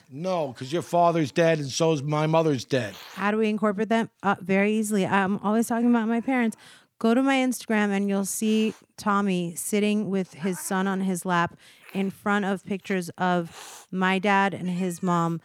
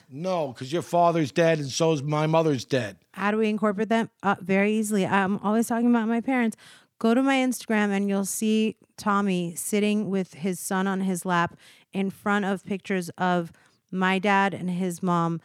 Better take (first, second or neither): second